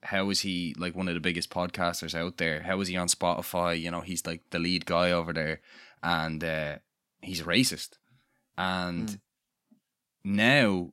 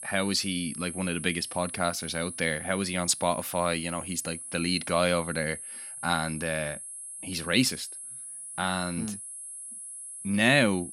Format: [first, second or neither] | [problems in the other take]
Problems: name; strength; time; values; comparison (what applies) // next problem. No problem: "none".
first | high-pitched whine; loud; throughout; 10.5 kHz, 9 dB below the speech